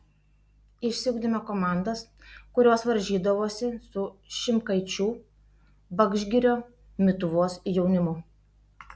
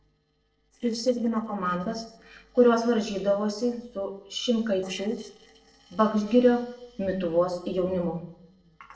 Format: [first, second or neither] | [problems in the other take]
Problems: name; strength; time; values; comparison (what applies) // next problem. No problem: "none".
first | noise reduction (neural separator model SepFormer DNS4)